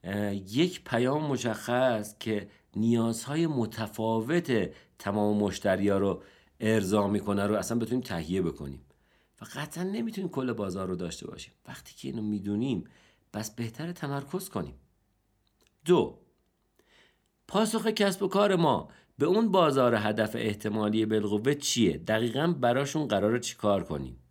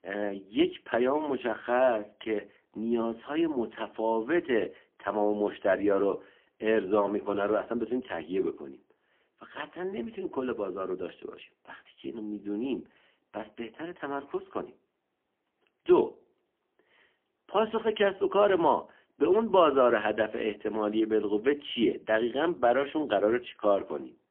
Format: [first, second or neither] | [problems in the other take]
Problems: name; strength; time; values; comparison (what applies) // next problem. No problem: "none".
first | phone-call audio; poor line; nothing above 3.5 kHz